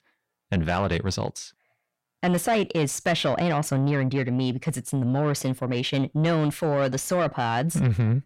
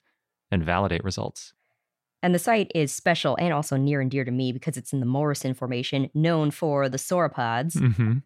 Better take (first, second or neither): second